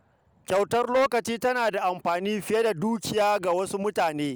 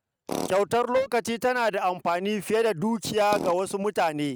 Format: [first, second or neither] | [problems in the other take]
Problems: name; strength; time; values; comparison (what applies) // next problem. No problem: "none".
first | noise reduction (neural mask model RNNoise)